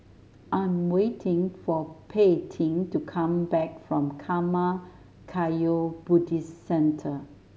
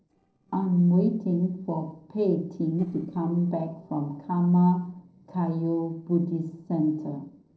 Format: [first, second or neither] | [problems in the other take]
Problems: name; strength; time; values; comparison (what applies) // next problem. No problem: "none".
first | noise reduction (neural separator model SepFormer DNS4)